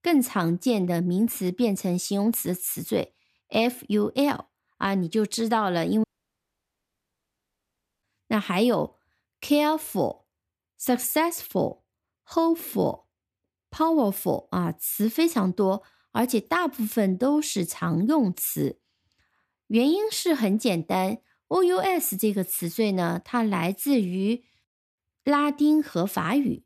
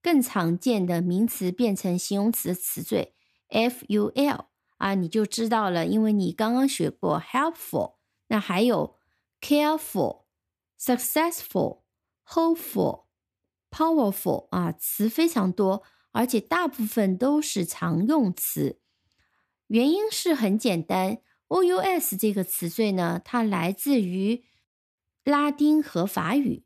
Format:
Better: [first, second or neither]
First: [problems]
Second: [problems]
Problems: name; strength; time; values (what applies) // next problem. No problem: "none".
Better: second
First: audio cutting out; at 6 s for 2 s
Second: none